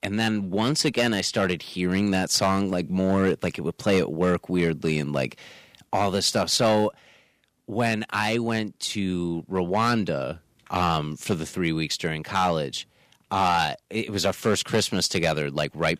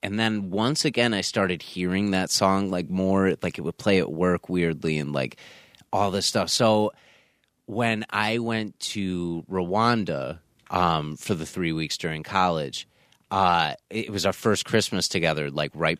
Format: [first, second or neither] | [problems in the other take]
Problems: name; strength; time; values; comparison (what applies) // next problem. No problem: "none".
second | distortion; slight; 2% of the sound clipped